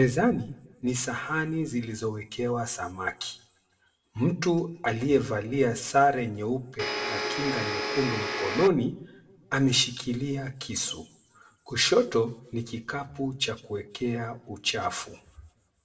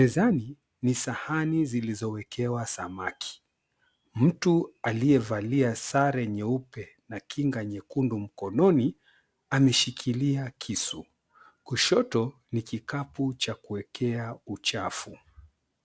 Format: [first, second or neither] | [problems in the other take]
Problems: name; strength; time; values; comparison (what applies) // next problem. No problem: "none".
second | background sound (Domestic sounds, home sounds); 2 dB below the speech // room echo; dies away in 0.5 s